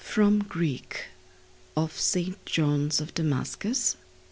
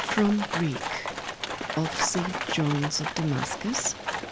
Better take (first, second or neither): first